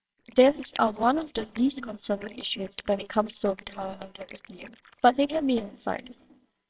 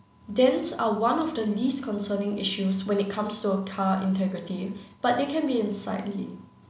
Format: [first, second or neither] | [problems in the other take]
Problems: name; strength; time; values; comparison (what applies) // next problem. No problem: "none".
second | noise reduction (neural separator model SepFormer WHAMR!)